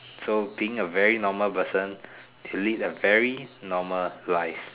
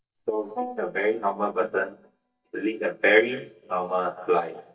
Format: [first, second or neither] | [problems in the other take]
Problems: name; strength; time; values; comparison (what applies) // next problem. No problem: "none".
first | noise reduction (neural mask model DeepFilterNet 3)